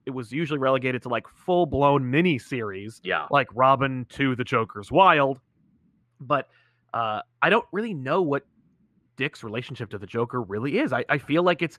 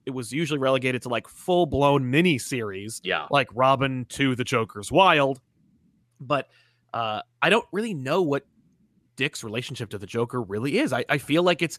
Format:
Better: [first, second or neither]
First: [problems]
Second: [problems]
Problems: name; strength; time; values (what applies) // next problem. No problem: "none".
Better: second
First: muffled; slightly; fading above 4 kHz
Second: none